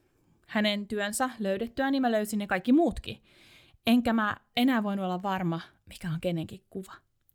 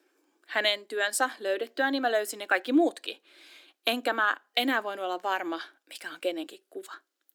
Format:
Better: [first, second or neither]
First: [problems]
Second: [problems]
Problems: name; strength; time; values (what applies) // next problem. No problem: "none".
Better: first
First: none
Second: thin; somewhat; fading below 300 Hz